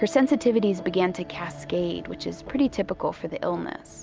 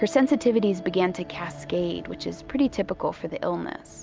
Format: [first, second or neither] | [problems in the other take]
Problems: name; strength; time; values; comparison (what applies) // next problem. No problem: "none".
second | background sound (Walk, footsteps); 18 dB below the speech